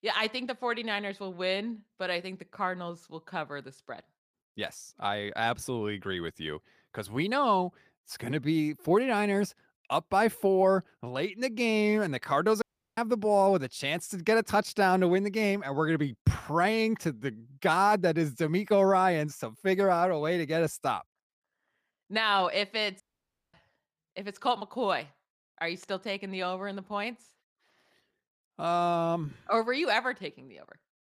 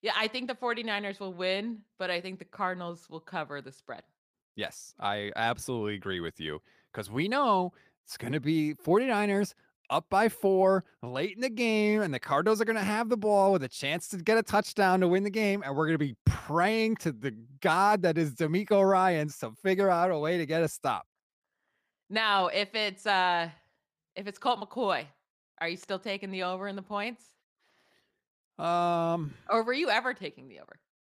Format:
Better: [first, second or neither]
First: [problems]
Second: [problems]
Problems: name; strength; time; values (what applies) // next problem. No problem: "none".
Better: second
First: audio cutting out; at 13 s and at 23 s for 0.5 s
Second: none